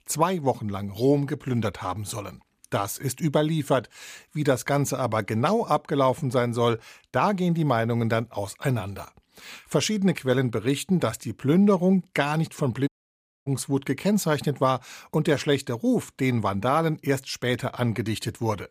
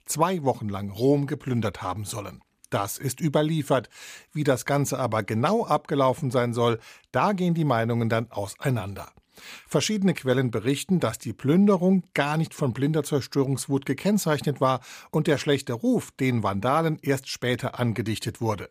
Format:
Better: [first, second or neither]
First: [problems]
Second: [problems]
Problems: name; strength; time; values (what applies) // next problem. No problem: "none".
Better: second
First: audio cutting out; at 13 s for 0.5 s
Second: none